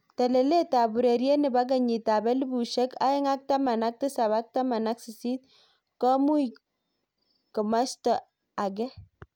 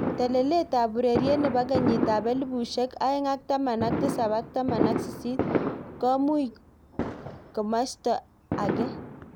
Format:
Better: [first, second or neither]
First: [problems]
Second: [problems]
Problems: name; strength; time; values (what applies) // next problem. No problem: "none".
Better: first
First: none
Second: background sound (Fireworks); 4 dB below the speech